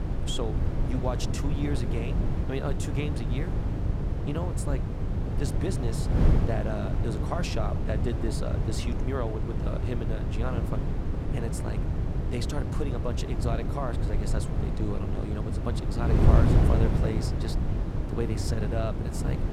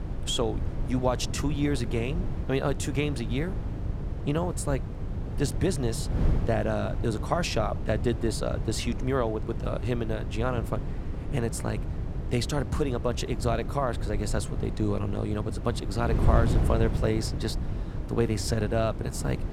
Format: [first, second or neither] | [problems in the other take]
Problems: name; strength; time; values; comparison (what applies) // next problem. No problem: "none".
second | wind noise on the microphone; heavy; 1 dB below the speech; occasional gusts in the second